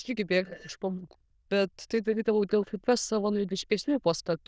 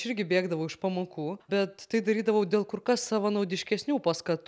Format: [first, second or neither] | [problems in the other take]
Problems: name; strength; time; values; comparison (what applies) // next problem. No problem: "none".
second | noise reduction (neural diffusion model UNIVERSE++)